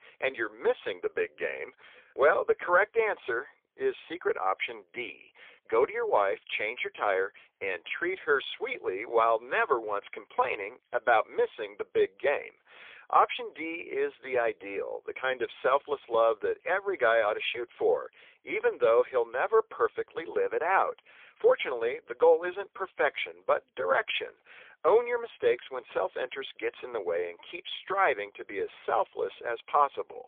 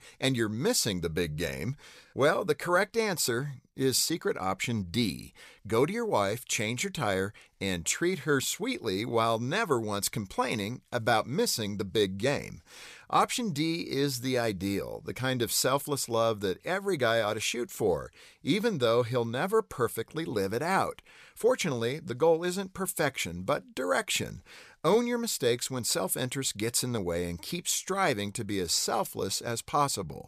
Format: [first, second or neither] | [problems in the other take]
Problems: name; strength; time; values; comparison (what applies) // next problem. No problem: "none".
second | phone-call audio; poor line; nothing above 3.5 kHz